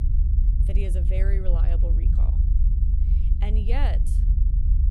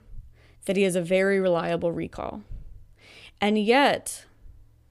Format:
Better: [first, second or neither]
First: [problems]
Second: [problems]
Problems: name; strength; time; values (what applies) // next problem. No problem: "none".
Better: second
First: low rumble; loud; throughout; 5 dB below the speech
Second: none